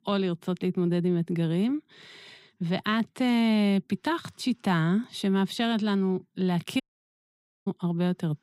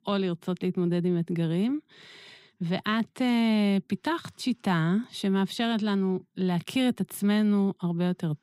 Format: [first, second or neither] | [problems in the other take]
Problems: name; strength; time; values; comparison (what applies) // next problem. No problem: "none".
second | audio cutting out; at 7 s for 1 s